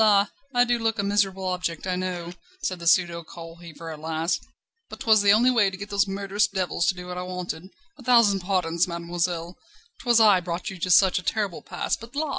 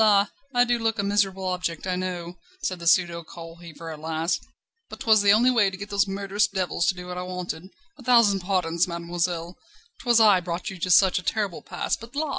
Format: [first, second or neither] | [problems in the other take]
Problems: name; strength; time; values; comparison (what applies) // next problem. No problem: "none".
second | background sound (Camera); 19 dB below the speech